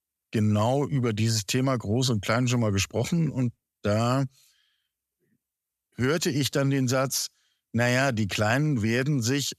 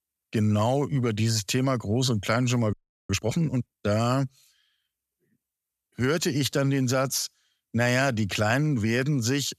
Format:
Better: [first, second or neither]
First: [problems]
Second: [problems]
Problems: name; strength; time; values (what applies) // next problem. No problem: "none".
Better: first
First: none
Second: audio freezing; at 2.5 s